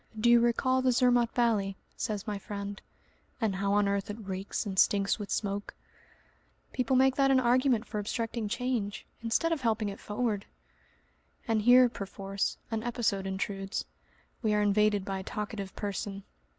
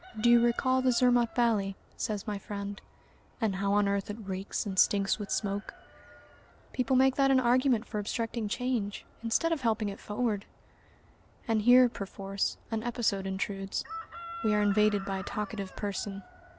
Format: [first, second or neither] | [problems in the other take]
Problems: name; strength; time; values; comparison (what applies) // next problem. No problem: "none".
first | background sound (Chicken, rooster); 20 dB below the speech